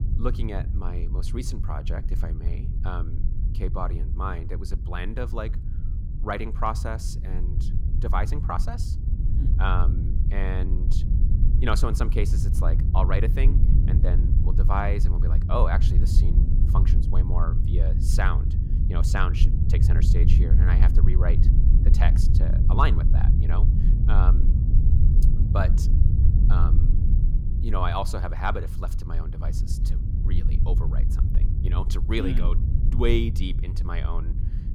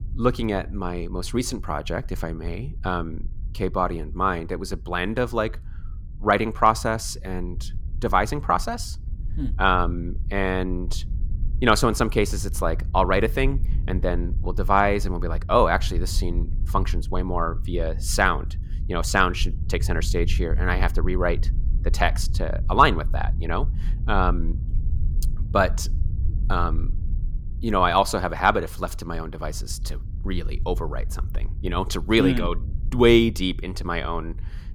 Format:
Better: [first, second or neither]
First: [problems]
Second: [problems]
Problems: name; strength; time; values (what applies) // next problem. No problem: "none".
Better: second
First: low rumble; loud; throughout; 8 dB below the speech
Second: low rumble; faint; throughout; 25 dB below the speech